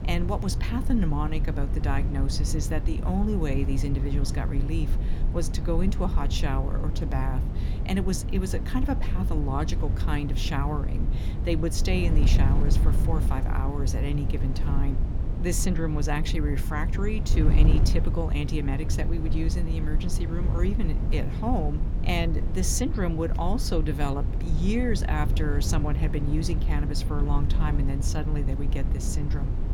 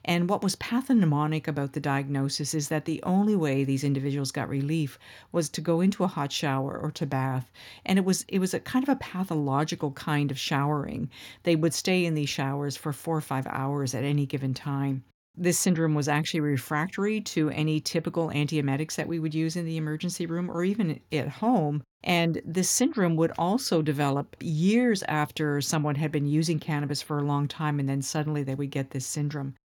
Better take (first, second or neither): second